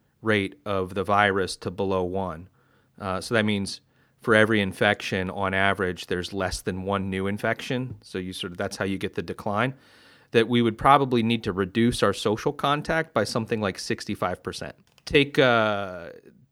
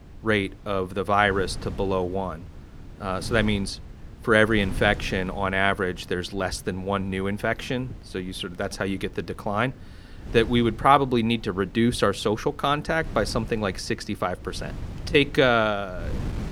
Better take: first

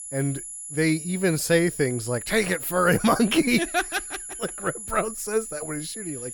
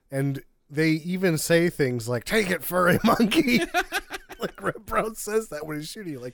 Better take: second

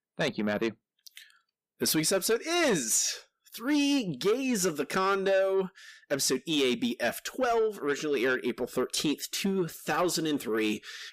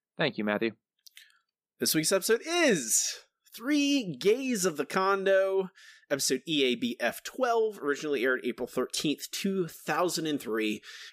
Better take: second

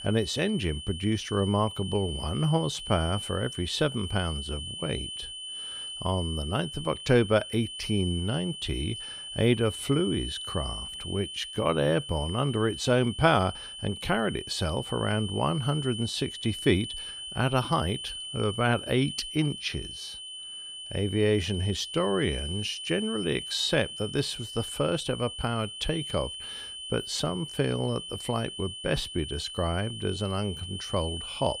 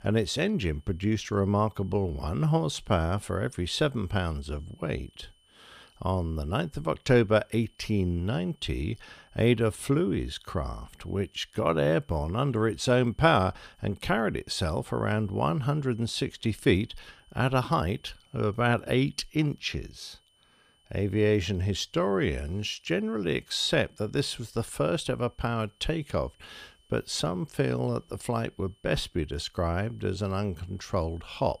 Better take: second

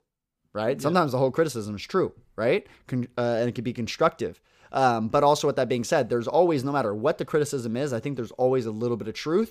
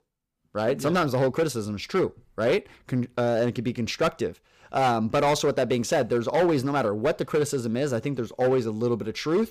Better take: first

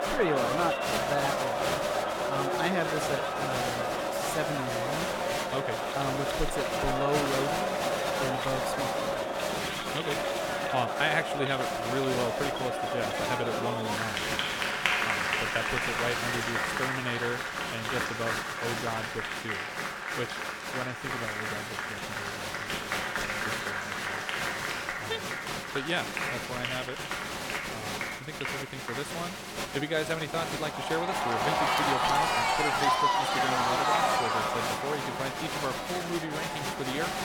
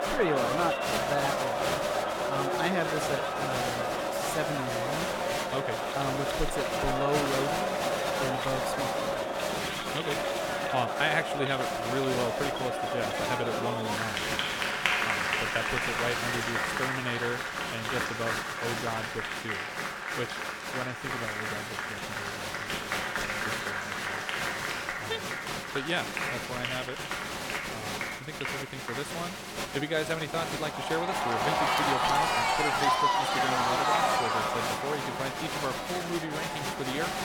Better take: neither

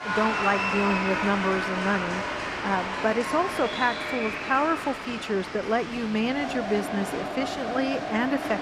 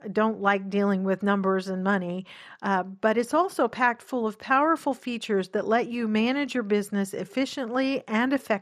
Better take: second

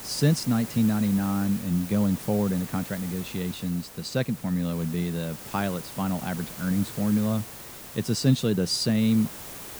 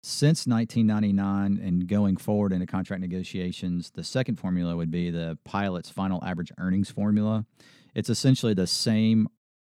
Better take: second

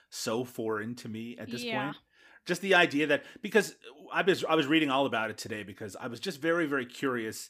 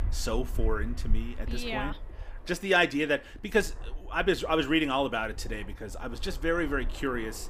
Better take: first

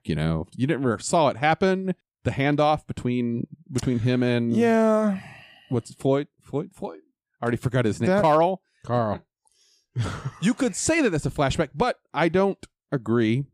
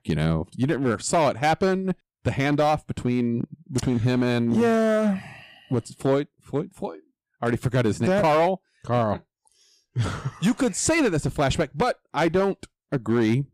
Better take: first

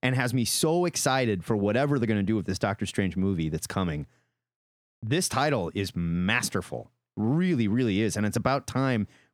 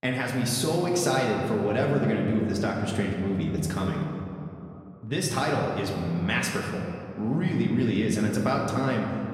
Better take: first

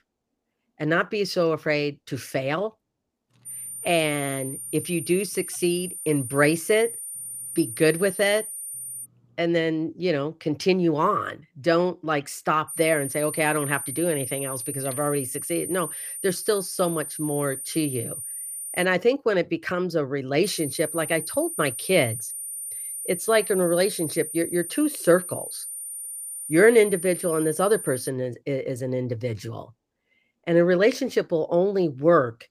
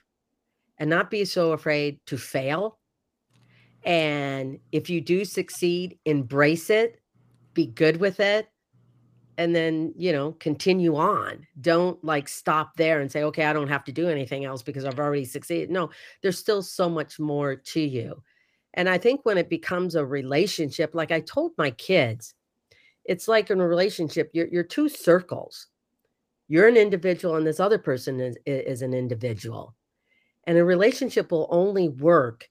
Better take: second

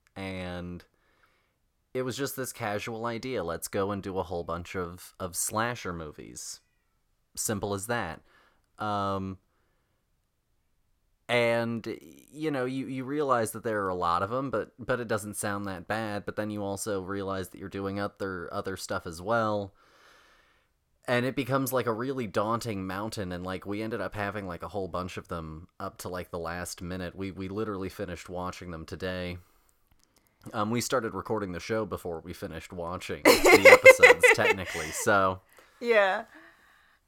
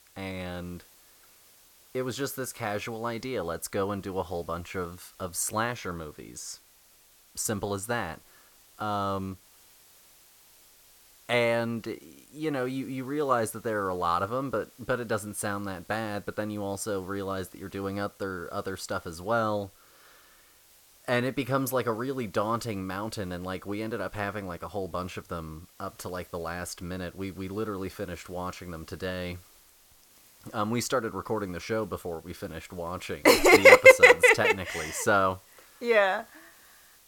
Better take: first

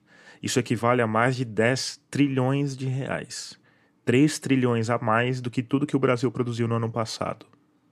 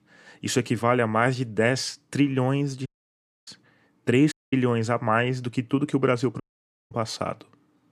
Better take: first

